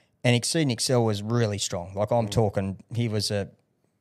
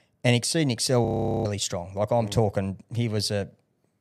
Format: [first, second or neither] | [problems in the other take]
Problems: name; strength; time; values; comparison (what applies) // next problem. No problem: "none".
first | audio freezing; at 1 s